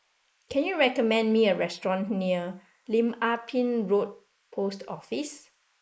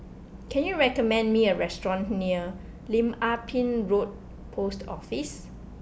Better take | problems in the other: second | noise reduction (neural mask model Resemble Enhance denoiser)

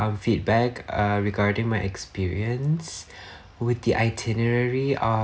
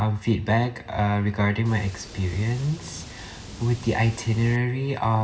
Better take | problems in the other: first | background sound (Water); 17 dB below the speech // room echo; dies away in 2.4 s

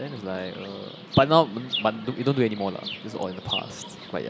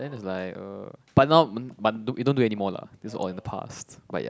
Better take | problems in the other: second | background sound (Chirp, tweet); 10 dB below the speech

